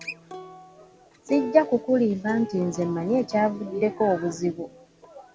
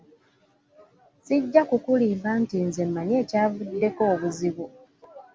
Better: second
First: background sound (Acoustic guitar); 14 dB below the speech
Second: none

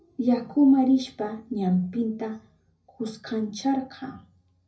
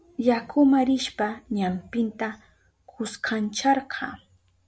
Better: second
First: room echo; dies away in 0.4 s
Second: none

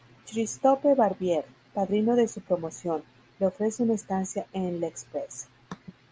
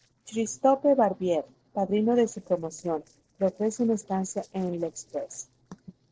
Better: first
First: none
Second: noise reduction (neural separator model SepFormer DNS4)

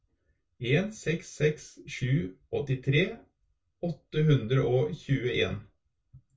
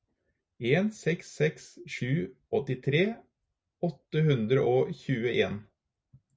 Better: second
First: room echo; dies away in 0.2 s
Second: none

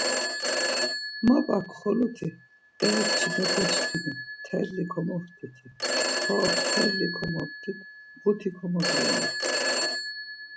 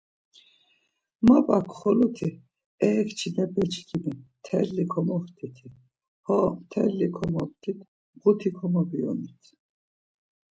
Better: second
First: background sound (Telephone); as loud as the speech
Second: none

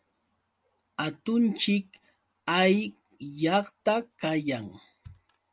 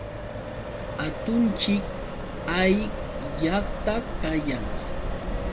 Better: first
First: none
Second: background sound (Accelerating, revving, vroom); 3 dB below the speech // room echo; dies away in 0.6 s

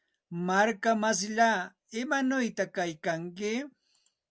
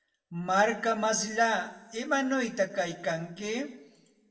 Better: first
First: none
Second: room echo; dies away in 0.8 s

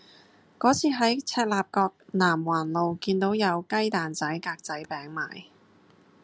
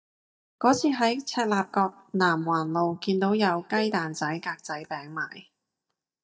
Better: first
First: none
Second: noise reduction (neural mask model DeepFilterNet 3)

